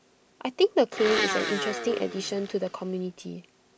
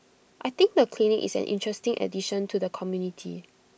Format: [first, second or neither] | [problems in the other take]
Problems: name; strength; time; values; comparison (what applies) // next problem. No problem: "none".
second | background sound (Domestic sounds, home sounds); 4 dB below the speech